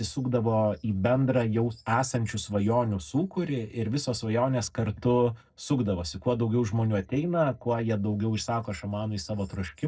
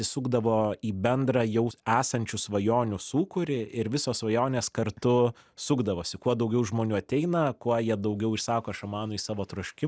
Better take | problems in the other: second | noise reduction (neural separator model SepFormer DNS4)

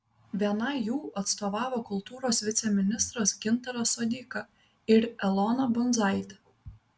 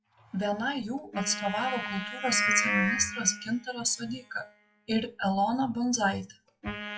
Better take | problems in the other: first | noise reduction (classical method WPE with log-MMSE)

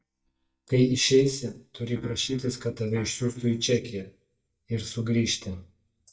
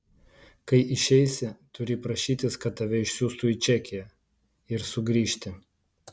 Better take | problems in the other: second | noise reduction (neural mask model DeepFilterNet 3)

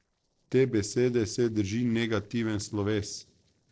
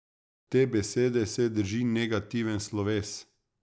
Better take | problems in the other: second | noise reduction (neural separator model SepFormer DNS4)

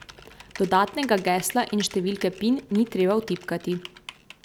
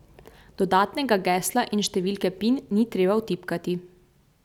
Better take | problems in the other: second | background sound (Typing); 19 dB below the speech

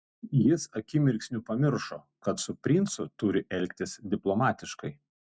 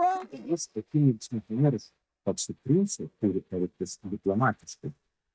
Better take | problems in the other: first | noise reduction (neural mask model DeepFilterNet 3)

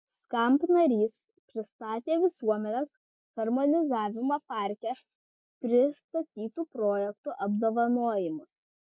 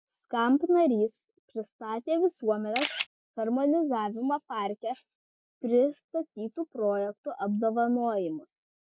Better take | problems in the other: first | background sound (Camera); 3 dB below the speech

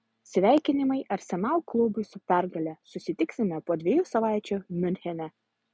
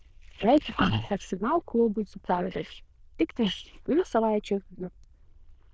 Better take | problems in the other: first | noise reduction (neural diffusion model UNIVERSE++)

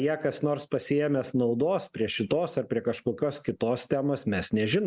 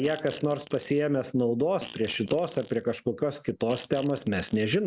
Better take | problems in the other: first | background sound (Fart); 18 dB below the speech

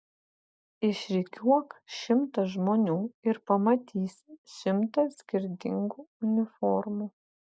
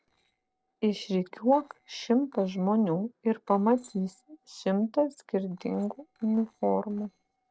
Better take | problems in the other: first | noise reduction (neural separator model SepFormer DNS4)

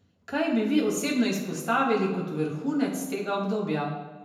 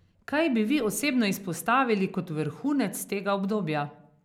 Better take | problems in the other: second | room echo; dies away in 0.9 s

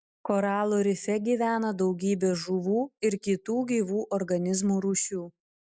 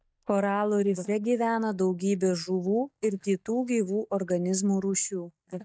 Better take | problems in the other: first | noise reduction (neural mask model DeepFilterNet 3)

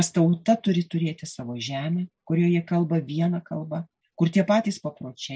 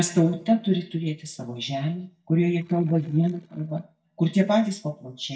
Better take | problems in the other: first | noise reduction (neural mask model DeepFilterNet 3)

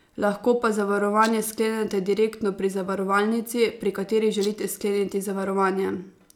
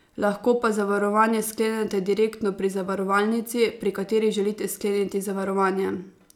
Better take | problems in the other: second | background sound (Rattle); 18 dB below the speech

